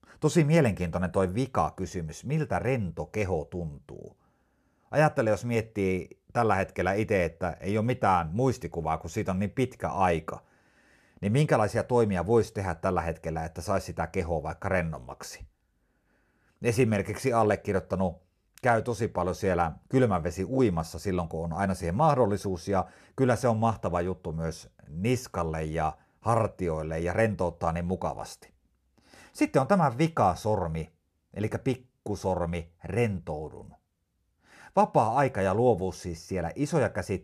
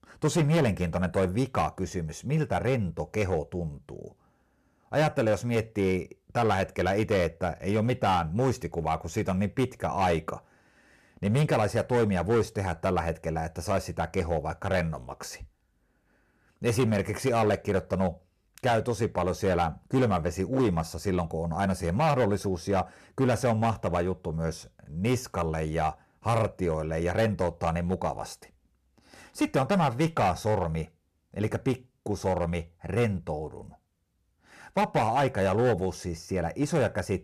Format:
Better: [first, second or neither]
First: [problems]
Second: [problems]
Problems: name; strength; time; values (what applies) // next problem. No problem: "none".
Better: first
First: none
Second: distortion; slight; 6% of the sound clipped